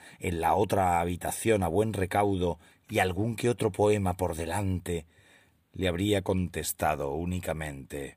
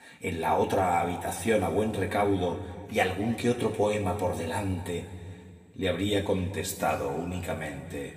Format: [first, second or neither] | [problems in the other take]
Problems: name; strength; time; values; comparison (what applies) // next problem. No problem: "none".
first | room echo; slight; dies away in 1.9 s // off-mic speech; somewhat distant